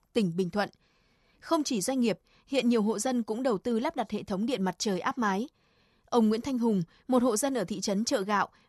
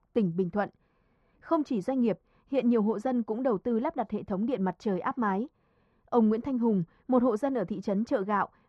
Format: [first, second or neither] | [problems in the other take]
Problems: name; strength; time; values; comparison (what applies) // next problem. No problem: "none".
first | muffled; very; fading above 3 kHz